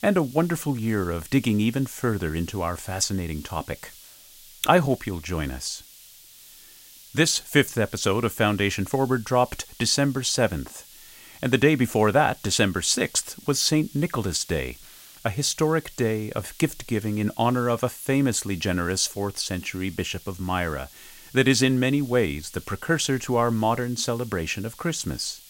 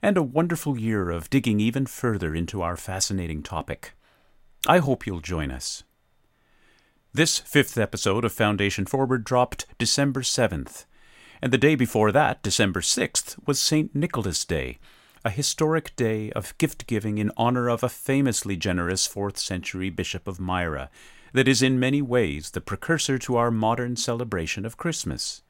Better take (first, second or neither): second